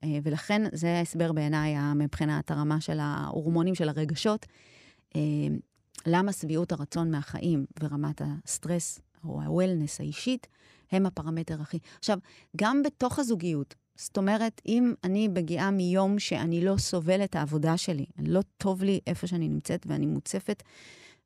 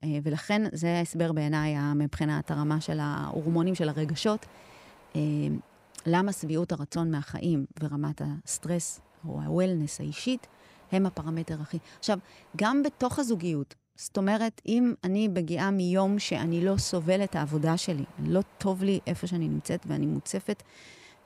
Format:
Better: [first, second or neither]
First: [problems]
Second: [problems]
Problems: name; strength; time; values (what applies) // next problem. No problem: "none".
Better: first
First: none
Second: wind noise on the microphone; occasional gusts; from 2.5 to 6.5 s, from 8.5 to 14 s and from 16 s on; 25 dB below the speech